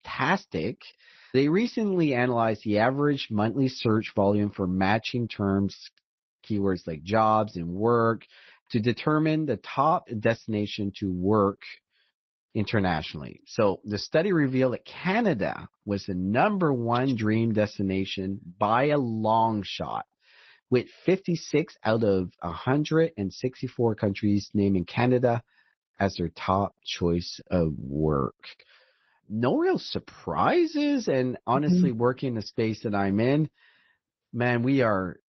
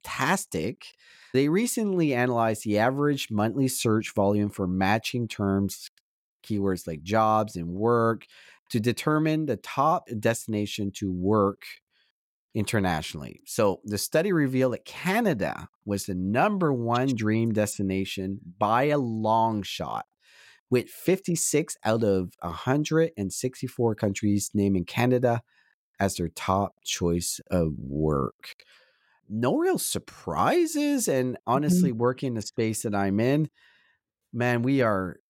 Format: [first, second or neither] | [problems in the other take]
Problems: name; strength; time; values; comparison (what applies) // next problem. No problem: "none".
second | garbled, watery; slightly; nothing above 6 kHz